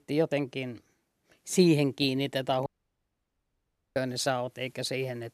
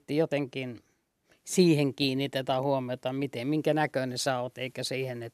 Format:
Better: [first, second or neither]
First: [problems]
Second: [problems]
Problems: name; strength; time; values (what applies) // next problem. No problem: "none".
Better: second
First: audio cutting out; at 2.5 s for 1.5 s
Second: none